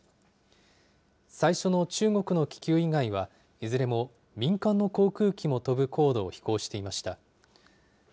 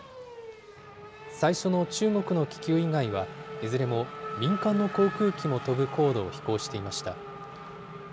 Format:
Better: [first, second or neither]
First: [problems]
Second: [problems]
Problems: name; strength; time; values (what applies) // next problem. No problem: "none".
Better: first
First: none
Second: background sound (Race car, auto racing / Accelerating, revving, vroom); 10 dB below the speech